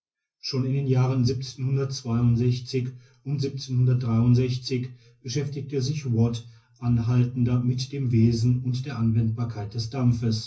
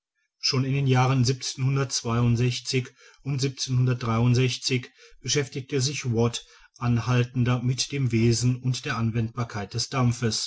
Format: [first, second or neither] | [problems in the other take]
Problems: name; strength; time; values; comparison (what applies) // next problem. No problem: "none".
second | room echo; dies away in 0.4 s